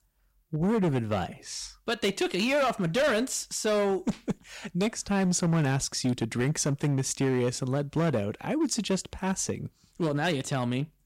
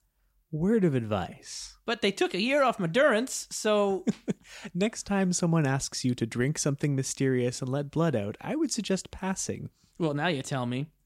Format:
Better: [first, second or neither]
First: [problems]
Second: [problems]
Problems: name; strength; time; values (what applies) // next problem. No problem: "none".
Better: second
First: distortion; slight; 10% of the sound clipped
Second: none